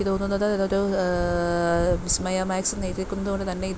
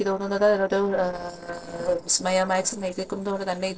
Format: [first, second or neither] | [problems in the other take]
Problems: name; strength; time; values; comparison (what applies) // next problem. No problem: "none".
first | noise reduction (neural separator model SepFormer DNS4)